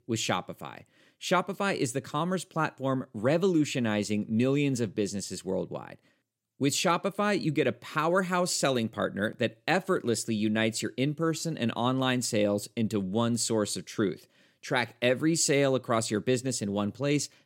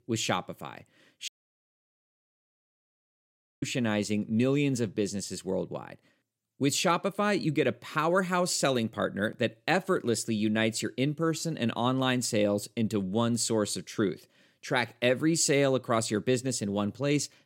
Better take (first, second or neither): first